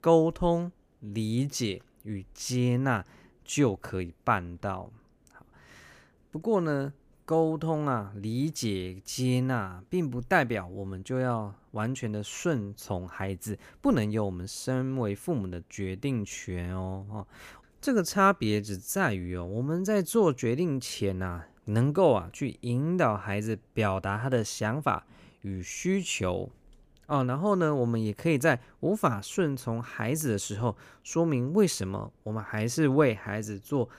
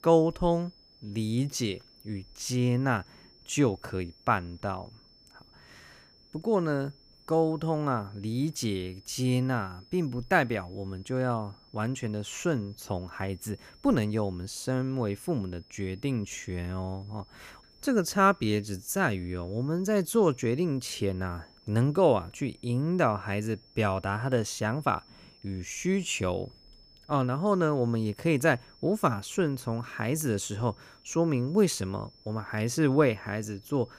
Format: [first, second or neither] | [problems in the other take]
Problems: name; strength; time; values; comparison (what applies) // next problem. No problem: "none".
first | high-pitched whine; faint; throughout; 5.5 kHz, 25 dB below the speech